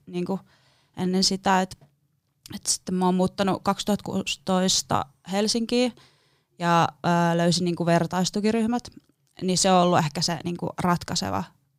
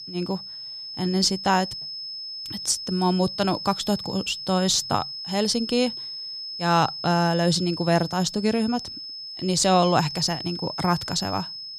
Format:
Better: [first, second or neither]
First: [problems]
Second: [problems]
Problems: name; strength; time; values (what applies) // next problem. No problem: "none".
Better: first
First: none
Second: high-pitched whine; loud; throughout; 5 kHz, 8 dB below the speech